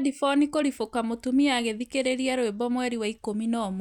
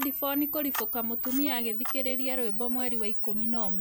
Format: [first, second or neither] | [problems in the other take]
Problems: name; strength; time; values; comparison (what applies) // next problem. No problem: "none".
first | background sound (Camera); 3 dB above the speech